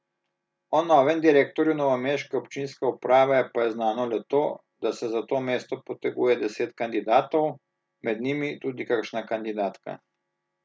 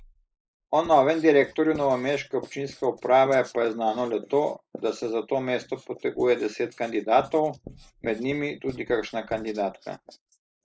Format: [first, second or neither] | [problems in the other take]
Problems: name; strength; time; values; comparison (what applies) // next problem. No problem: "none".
first | noise reduction (neural mask model Resemble Enhance denoiser)